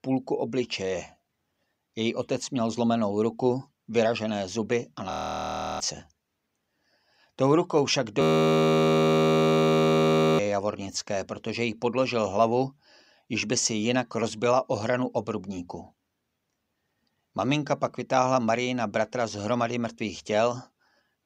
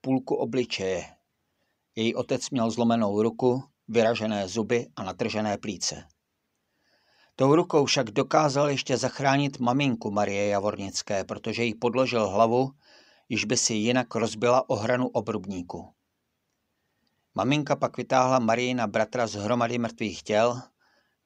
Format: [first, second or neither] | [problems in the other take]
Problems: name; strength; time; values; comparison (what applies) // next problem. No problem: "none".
second | audio freezing; at 5 s for 0.5 s and at 8 s for 2 s